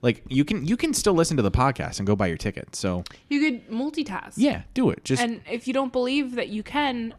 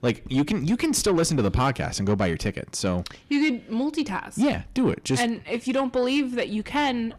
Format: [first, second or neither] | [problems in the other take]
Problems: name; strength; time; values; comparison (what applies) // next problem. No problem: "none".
first | distortion; slight; 10 dB below the speech